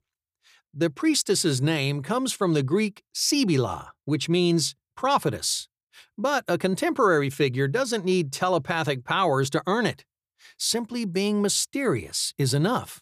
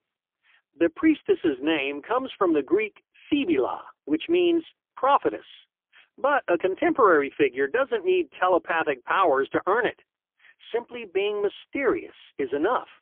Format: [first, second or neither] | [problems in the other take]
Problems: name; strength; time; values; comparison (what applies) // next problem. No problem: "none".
first | phone-call audio; poor line; nothing above 3.5 kHz